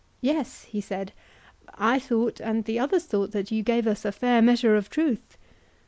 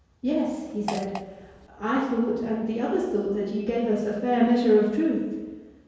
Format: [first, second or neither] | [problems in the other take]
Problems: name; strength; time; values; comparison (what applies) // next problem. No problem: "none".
first | background sound (Fart); 12 dB below the speech // room echo; dies away in 1.2 s